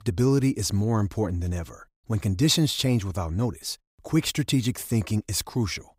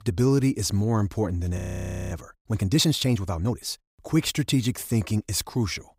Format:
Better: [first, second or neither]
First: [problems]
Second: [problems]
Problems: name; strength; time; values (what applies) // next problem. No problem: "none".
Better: first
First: none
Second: audio freezing; at 1.5 s for 0.5 s